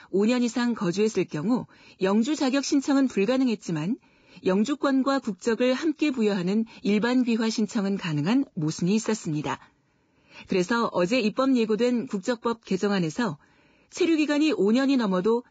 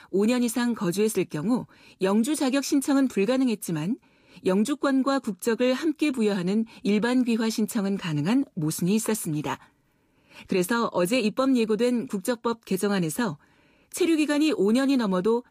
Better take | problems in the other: second | garbled, watery; badly; nothing above 7.5 kHz; slightly in the second

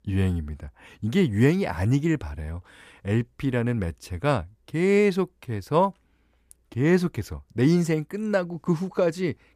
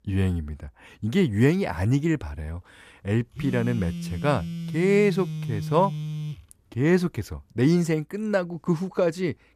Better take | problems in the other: first | phone ringing; noticeable; from 3.5 to 6.5 s; peak 7 dB below the speech

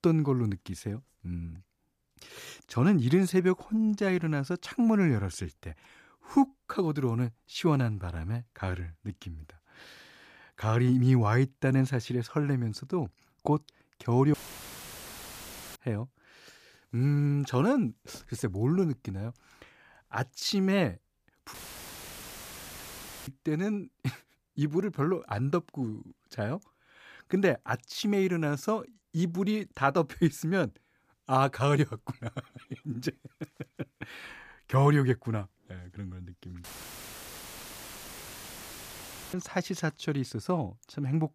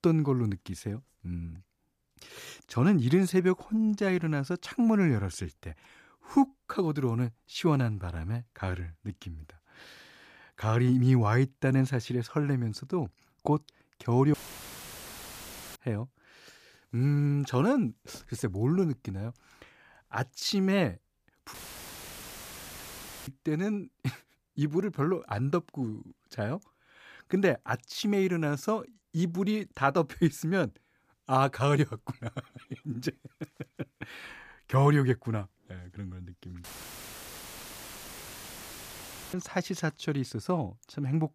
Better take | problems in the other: neither | audio cutting out; filled with static; at 14 s for 1.5 s, at 22 s for 1.5 s and at 37 s for 2.5 s; the same in both

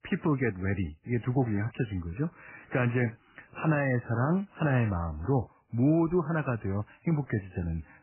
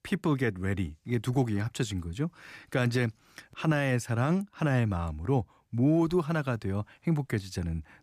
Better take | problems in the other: second | garbled, watery; badly; nothing above 3 kHz

